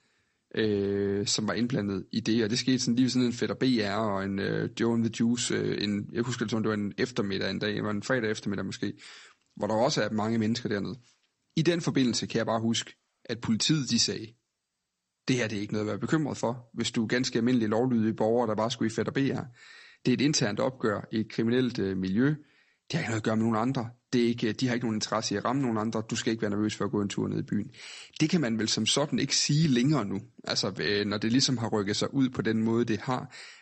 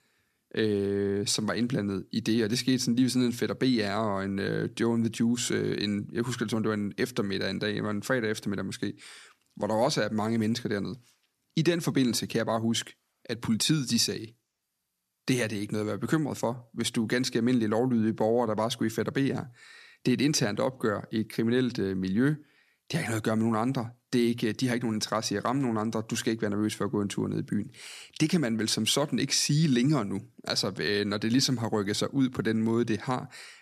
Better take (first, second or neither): second